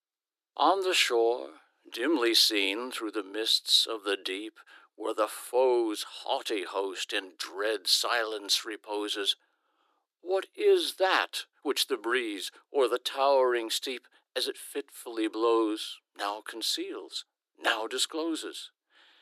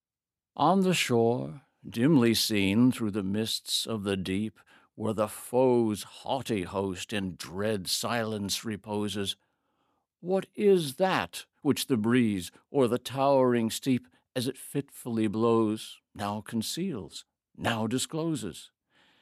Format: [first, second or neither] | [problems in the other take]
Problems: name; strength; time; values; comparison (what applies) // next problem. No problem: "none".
second | thin; very; fading below 300 Hz